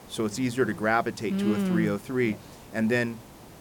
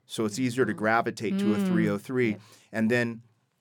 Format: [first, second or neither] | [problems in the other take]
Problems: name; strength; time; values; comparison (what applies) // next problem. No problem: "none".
second | hiss; faint; throughout; 20 dB below the speech